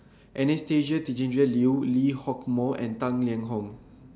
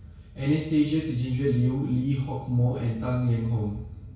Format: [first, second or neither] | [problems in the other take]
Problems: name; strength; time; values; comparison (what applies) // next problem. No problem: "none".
first | room echo; dies away in 0.6 s